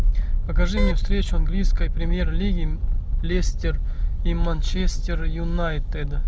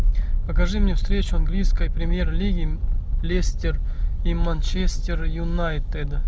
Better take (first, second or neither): second